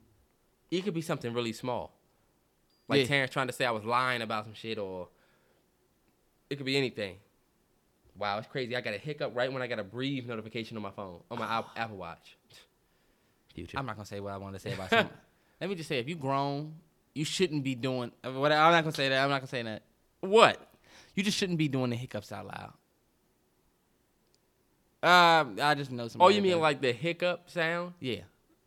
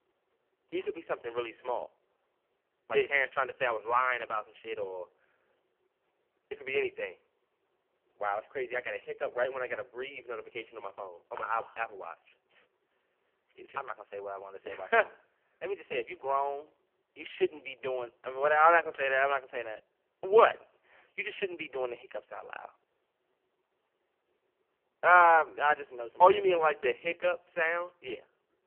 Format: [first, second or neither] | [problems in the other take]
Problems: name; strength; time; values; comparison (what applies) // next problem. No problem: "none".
first | phone-call audio; poor line; nothing above 3 kHz